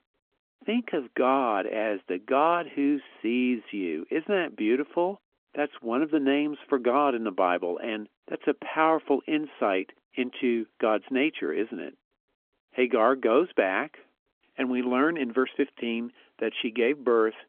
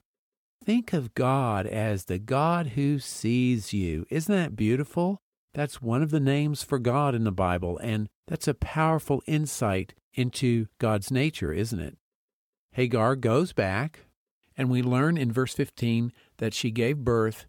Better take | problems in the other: second | phone-call audio; nothing above 3.5 kHz

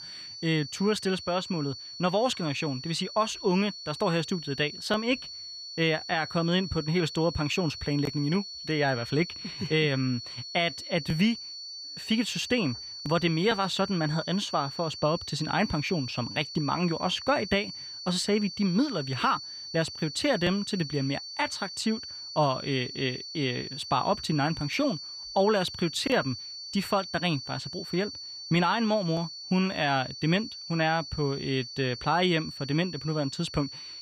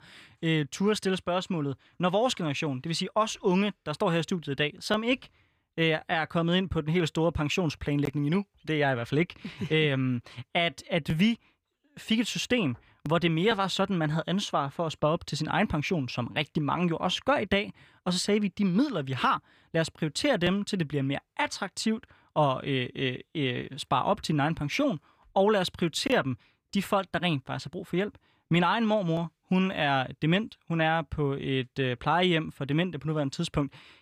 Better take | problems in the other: second | high-pitched whine; loud; throughout; 4.5 kHz, 9 dB below the speech

